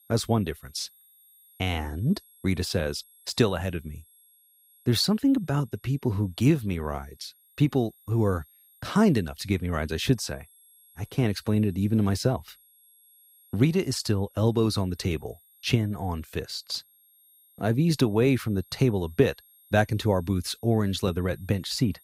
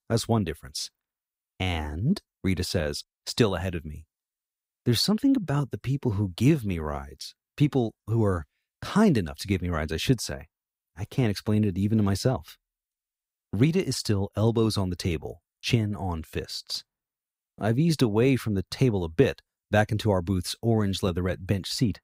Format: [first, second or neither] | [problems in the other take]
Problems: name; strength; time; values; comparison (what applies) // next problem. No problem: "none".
second | high-pitched whine; faint; throughout; 11.5 kHz, 30 dB below the speech